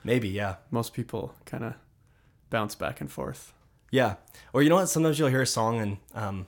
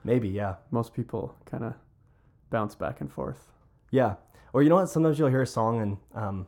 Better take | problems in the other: first | muffled; slightly; fading above 1.5 kHz

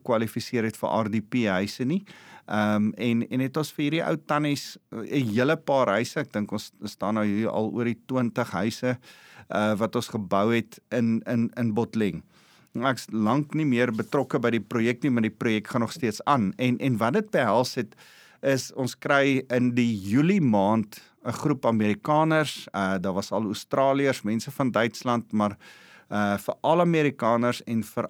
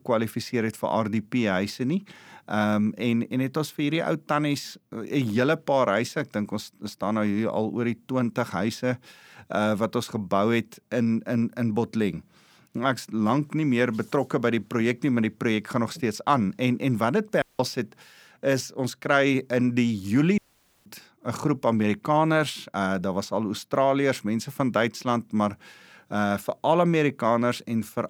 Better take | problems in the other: first | audio cutting out; at 17 s and at 20 s

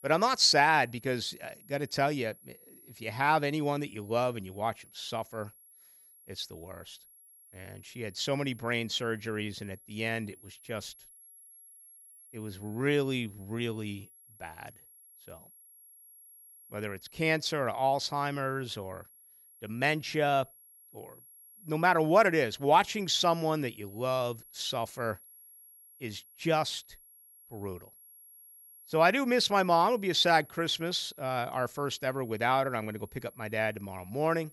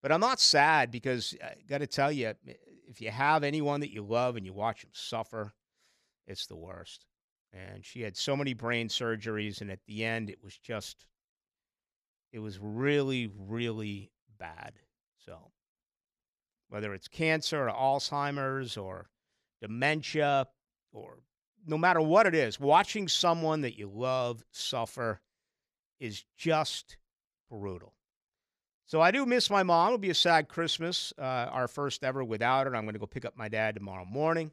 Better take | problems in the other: second | high-pitched whine; faint; throughout; 11.5 kHz, 25 dB below the speech

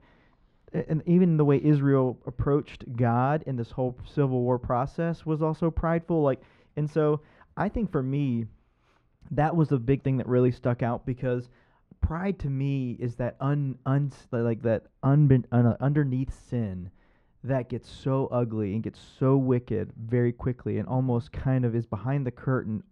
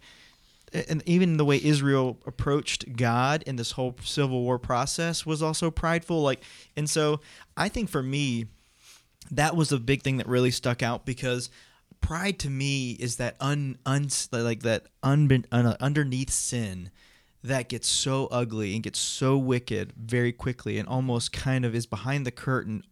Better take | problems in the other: second | muffled; very; fading above 3 kHz

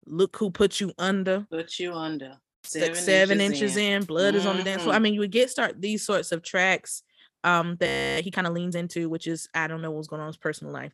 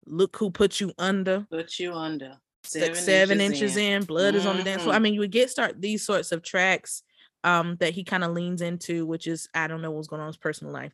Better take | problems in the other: second | audio freezing; at 8 s

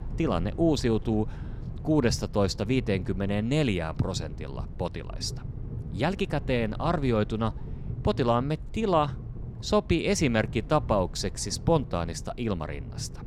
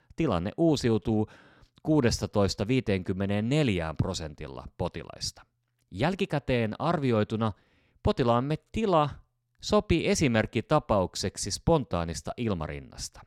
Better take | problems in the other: second | low rumble; faint; throughout; 20 dB below the speech

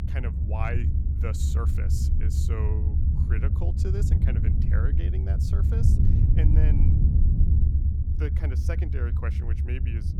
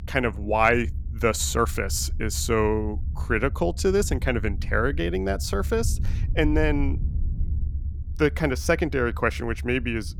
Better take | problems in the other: second | low rumble; loud; throughout; as loud as the speech; faint in the second

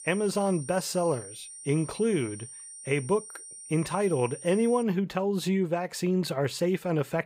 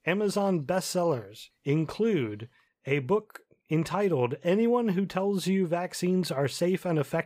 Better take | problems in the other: second | high-pitched whine; noticeable; until 5 s; 9 kHz, 15 dB below the speech

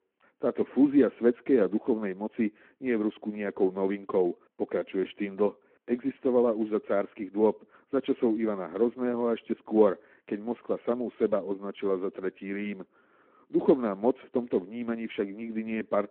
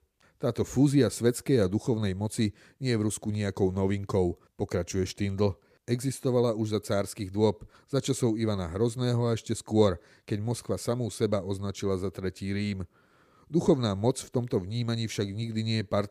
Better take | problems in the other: second | phone-call audio

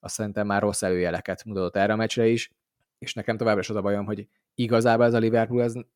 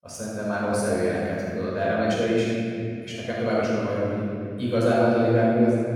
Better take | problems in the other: first | off-mic speech; far // room echo; strong; dies away in 3 s

